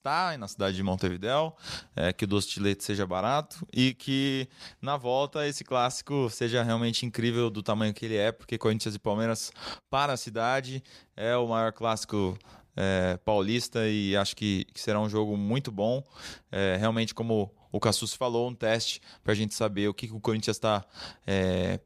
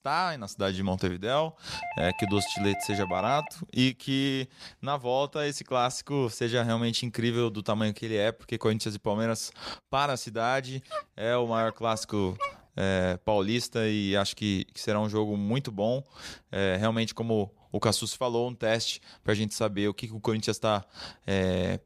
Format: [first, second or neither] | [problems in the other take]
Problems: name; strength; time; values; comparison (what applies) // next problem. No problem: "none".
first | doorbell; noticeable; from 1.5 to 3.5 s; peak 6 dB below the speech // dog barking; noticeable; from 11 to 13 s; peak 7 dB below the speech